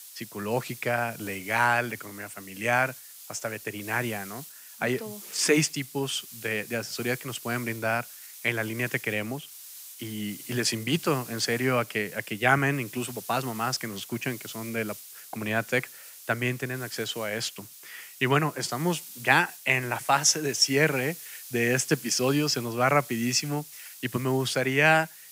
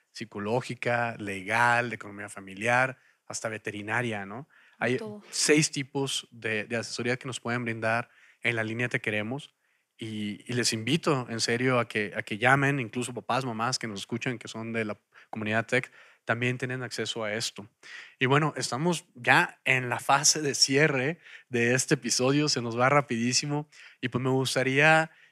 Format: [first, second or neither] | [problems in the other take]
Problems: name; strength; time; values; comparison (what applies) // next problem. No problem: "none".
second | hiss; noticeable; throughout; 15 dB below the speech